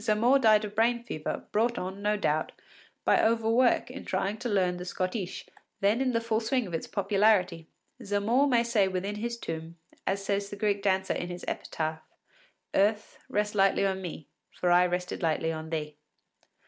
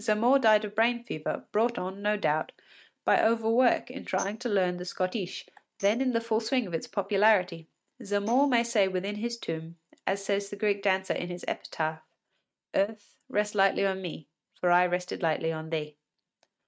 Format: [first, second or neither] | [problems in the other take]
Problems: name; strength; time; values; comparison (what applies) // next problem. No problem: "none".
first | noise reduction (neural mask model RNNoise)